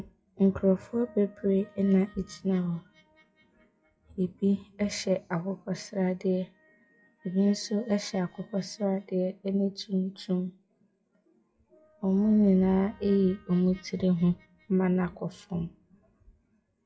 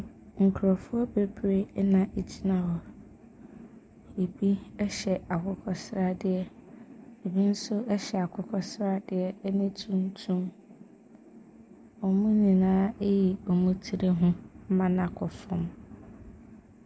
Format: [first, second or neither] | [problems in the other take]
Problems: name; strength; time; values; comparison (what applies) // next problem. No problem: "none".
second | noise reduction (classical method WPE with log-MMSE)